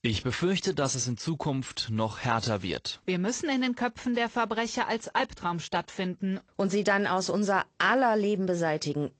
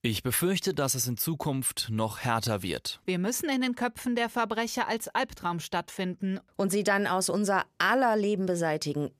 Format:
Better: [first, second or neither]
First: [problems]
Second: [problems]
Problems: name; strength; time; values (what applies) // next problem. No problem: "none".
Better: second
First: garbled, watery; slightly; nothing above 8 kHz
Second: none